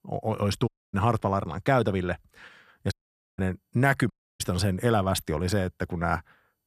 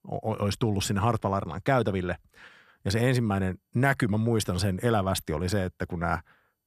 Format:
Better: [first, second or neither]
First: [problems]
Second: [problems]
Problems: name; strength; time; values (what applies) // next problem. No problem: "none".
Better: second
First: audio cutting out; at 0.5 s, at 3 s and at 4 s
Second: none